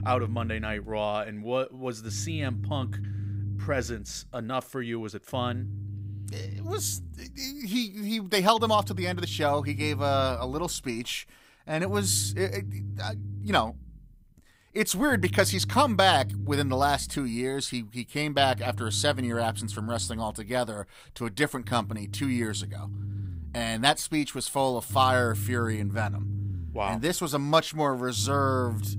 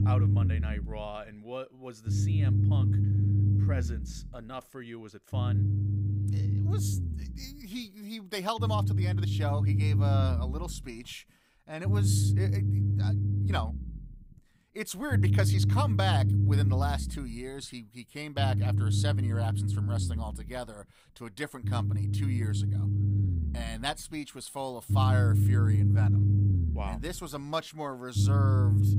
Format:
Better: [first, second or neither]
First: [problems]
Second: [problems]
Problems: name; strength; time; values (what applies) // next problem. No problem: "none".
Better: first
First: low rumble; faint; throughout; 20 dB below the speech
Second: low rumble; loud; throughout; 3 dB below the speech